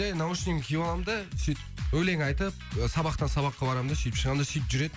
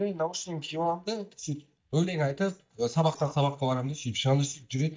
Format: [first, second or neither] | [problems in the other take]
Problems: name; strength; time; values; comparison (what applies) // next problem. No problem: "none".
first | noise reduction (neural mask model DeepFilterNet 3)